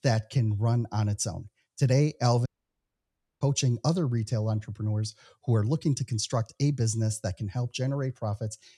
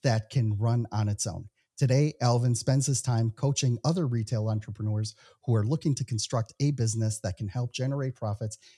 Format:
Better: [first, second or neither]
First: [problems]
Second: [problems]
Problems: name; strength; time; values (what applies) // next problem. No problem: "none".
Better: second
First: audio cutting out; at 2.5 s for 1 s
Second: none